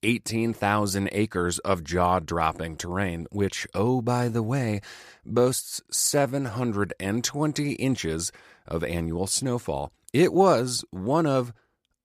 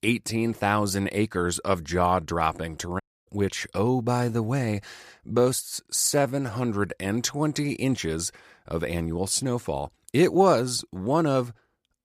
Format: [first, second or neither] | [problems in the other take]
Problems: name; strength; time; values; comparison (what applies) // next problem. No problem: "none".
first | audio cutting out; at 3 s